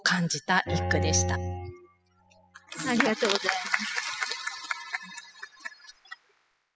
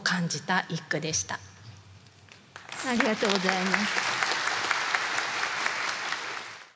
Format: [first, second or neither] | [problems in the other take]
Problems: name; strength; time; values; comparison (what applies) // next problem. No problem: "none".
second | noise reduction (classical method spectral subtraction)